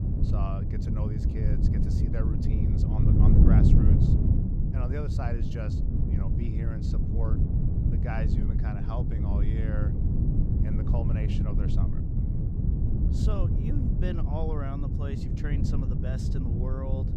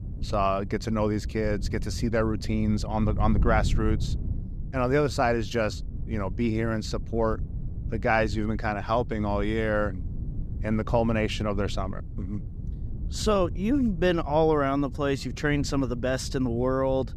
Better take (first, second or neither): second